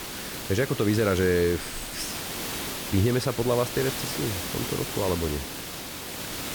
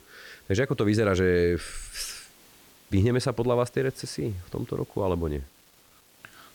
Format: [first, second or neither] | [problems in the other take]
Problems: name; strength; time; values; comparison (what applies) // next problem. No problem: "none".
second | hiss; loud; throughout; 5 dB below the speech; faint in the second